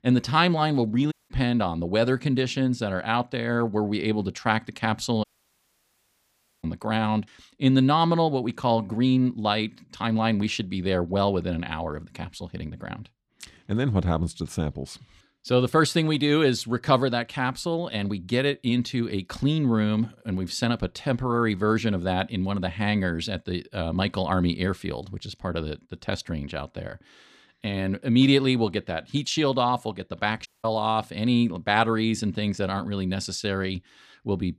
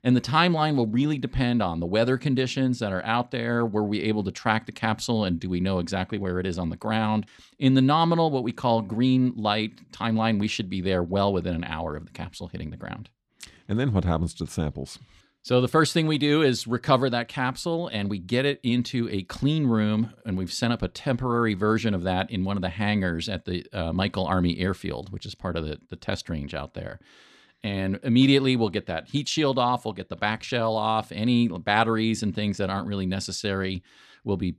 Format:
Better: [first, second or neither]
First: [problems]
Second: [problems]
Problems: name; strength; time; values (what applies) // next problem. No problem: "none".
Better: second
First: audio cutting out; at 1 s, at 5 s for 1.5 s and at 30 s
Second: none